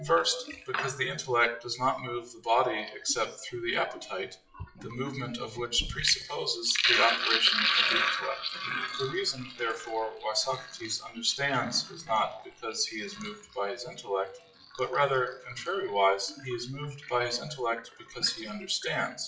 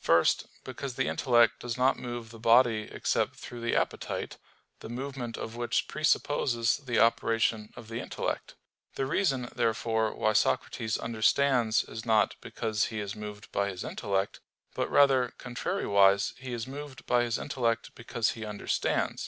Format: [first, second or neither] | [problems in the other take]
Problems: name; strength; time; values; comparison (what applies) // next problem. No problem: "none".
second | noise reduction (classical method WPE with log-MMSE)